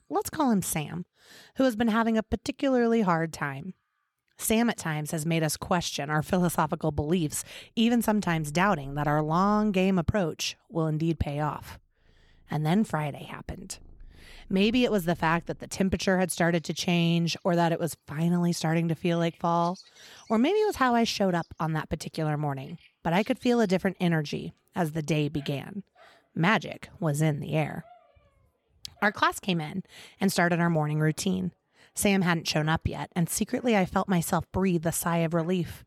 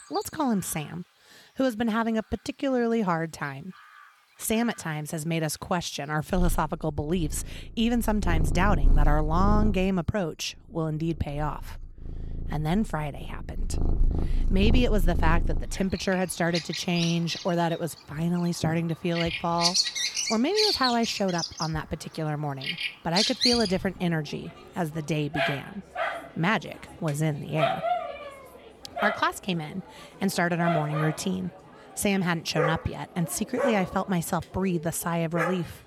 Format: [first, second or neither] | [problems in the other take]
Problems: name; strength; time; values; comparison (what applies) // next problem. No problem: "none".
first | animal sounds; loud; throughout; 2 dB below the speech; faint in the first